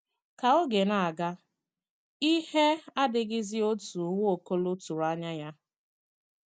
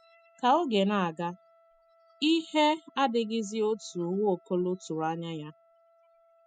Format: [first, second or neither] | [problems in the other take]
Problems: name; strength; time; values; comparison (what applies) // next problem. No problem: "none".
first | noise reduction (classical method spectral subtraction)